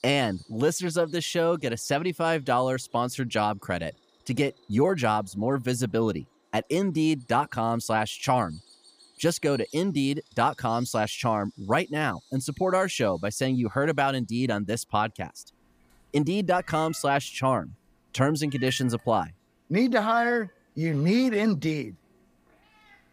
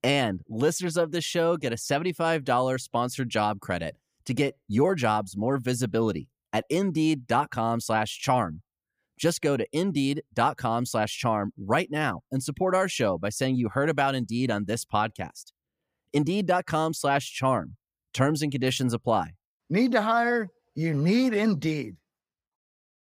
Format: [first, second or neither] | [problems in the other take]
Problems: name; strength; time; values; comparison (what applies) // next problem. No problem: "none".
second | animal sounds; faint; throughout; 25 dB below the speech